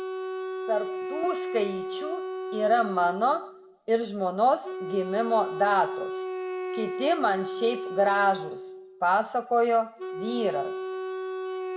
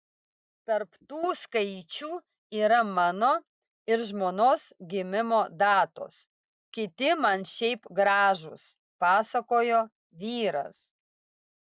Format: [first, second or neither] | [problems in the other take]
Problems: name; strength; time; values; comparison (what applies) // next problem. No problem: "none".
second | background sound (Wind instrument, woodwind instrument); 6 dB below the speech // room echo; dies away in 0.5 s